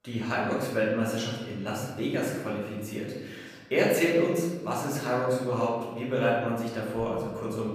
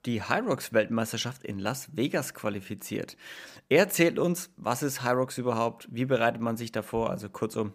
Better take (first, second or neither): second